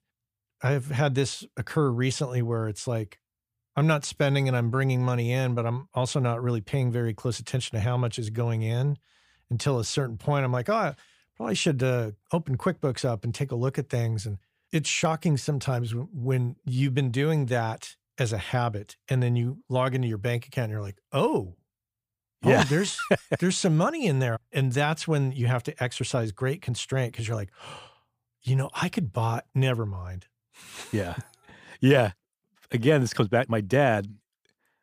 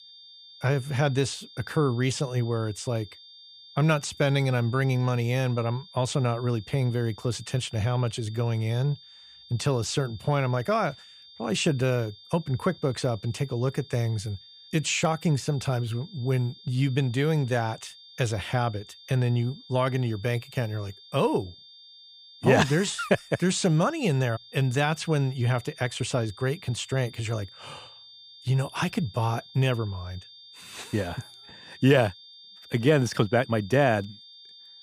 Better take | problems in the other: first | high-pitched whine; faint; throughout; 3.5 kHz, 20 dB below the speech

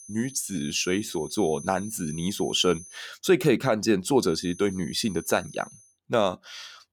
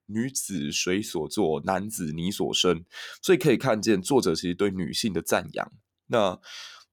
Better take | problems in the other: second | high-pitched whine; noticeable; until 3 s and from 4.5 to 6 s; 6 kHz, 15 dB below the speech

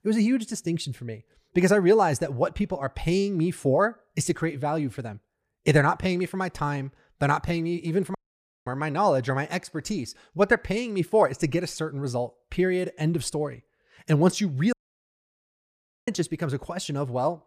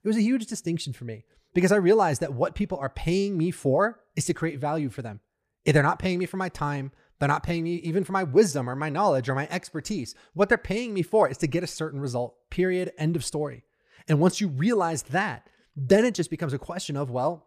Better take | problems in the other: second | audio cutting out; at 8 s for 0.5 s and at 15 s for 1.5 s

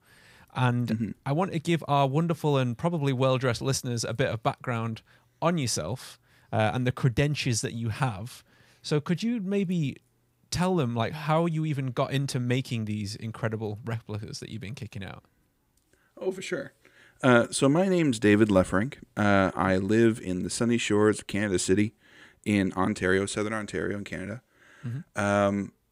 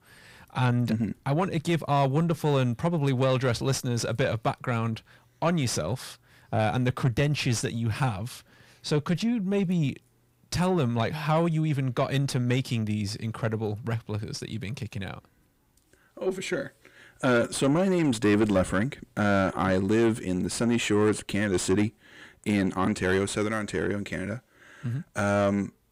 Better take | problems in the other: first | distortion; slight; 10 dB below the speech

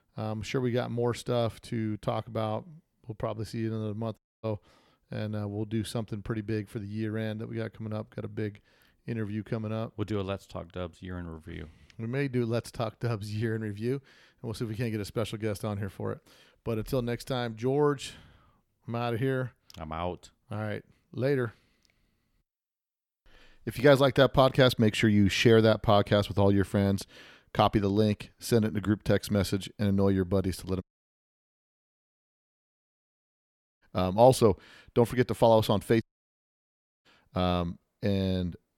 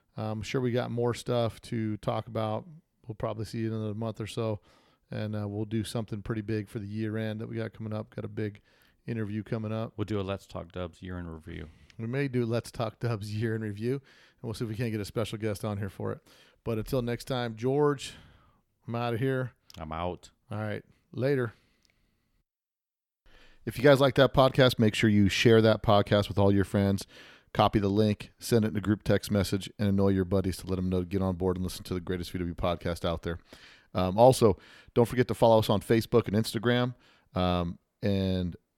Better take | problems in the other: second | audio cutting out; at 4 s, at 31 s for 3 s and at 36 s for 1 s

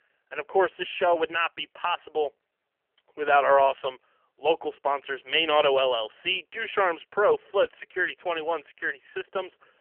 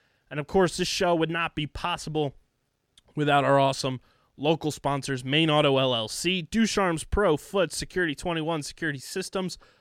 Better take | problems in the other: second | phone-call audio; poor line; nothing above 3 kHz

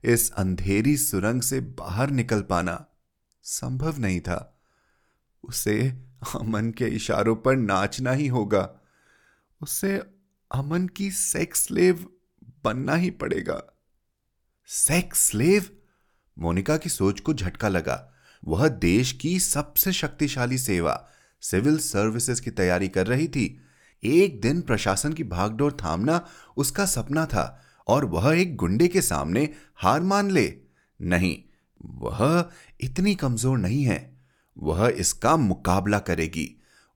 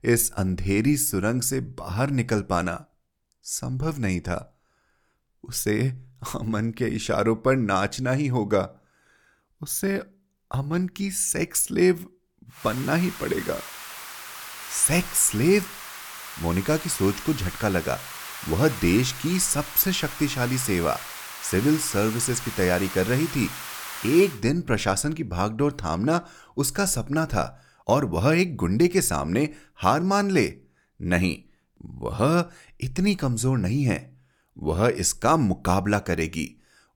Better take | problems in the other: first | hiss; noticeable; from 13 to 24 s; 10 dB below the speech

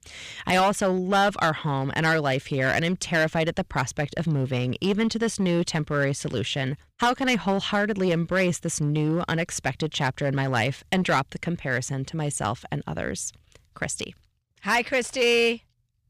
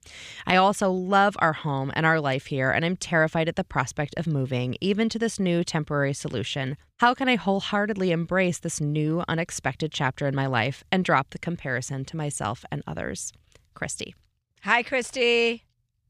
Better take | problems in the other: second | distortion; slight; 6% of the sound clipped

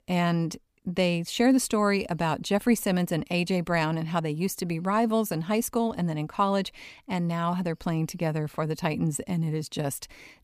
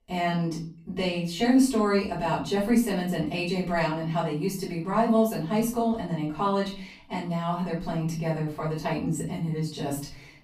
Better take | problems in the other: first | off-mic speech; far // room echo; slight; dies away in 0.4 s

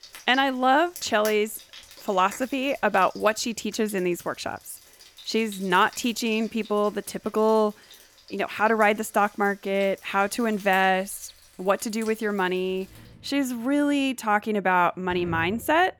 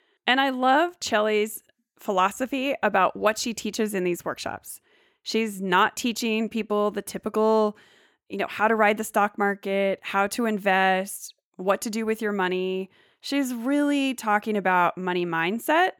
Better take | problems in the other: second | household noises; faint; throughout; 20 dB below the speech

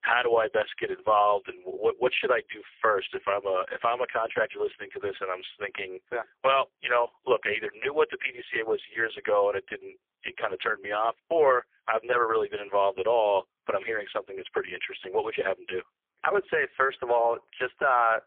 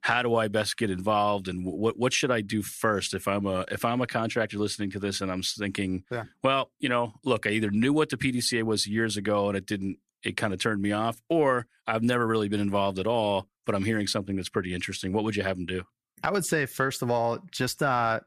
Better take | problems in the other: second | phone-call audio; poor line; nothing above 3.5 kHz

